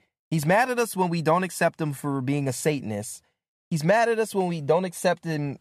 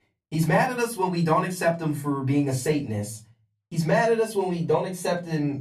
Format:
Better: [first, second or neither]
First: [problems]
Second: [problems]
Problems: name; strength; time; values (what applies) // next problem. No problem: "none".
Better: first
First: none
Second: off-mic speech; far // room echo; very slight; dies away in 0.3 s